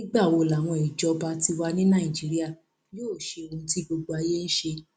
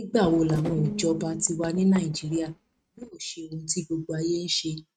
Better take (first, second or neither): first